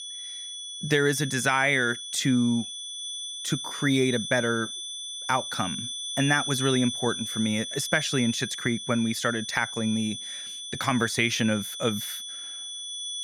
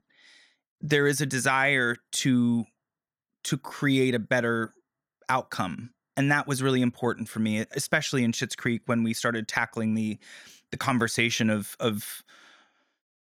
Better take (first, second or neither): second